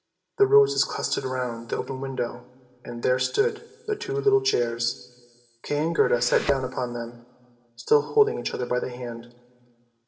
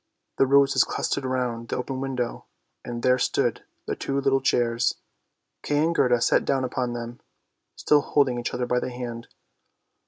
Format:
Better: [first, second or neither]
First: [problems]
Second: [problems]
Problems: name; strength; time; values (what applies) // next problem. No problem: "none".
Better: second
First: background sound (Thump, thud); 8 dB below the speech // room echo; dies away in 2.5 s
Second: none